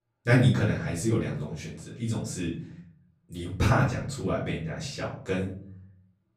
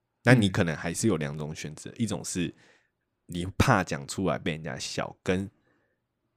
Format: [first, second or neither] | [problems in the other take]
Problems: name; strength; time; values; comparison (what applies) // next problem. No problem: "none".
second | off-mic speech; far // room echo; slight; dies away in 0.6 s